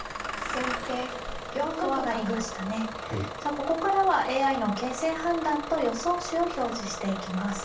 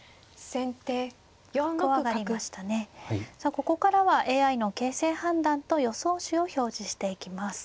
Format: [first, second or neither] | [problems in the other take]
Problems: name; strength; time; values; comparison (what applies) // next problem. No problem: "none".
second | background sound (Engine starting / Bus); 8 dB below the speech // room echo; dies away in 0.4 s